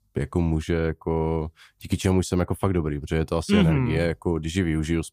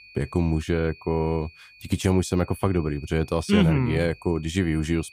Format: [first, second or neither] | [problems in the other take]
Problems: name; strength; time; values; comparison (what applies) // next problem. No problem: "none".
first | high-pitched whine; faint; throughout; 2.5 kHz, 25 dB below the speech